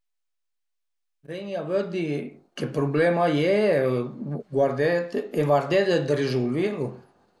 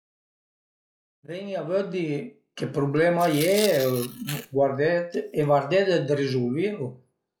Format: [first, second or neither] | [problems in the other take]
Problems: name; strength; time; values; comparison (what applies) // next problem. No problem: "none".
first | noise reduction (classical method log-MMSE)